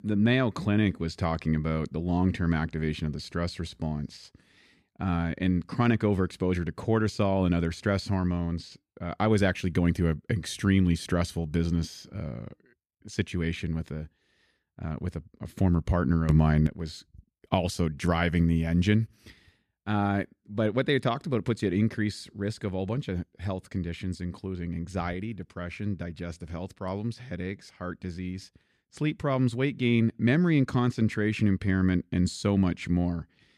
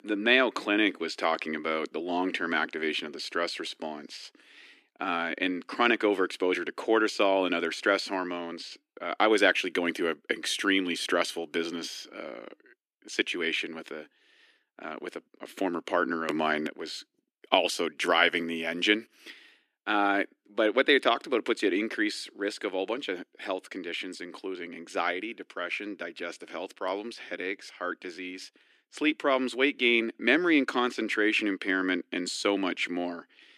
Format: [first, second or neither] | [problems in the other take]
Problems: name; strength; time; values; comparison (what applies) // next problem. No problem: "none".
first | thin; somewhat; fading below 300 Hz